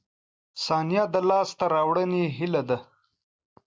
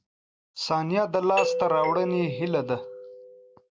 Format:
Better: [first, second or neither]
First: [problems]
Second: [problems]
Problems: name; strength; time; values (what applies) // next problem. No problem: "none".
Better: first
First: none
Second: background sound (Doorbell); 4 dB below the speech